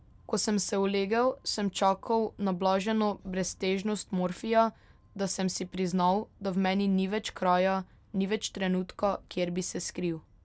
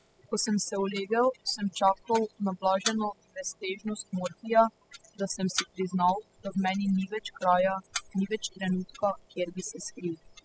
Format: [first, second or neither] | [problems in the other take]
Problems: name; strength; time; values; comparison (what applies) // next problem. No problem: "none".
first | noise reduction (classical method spectral subtraction)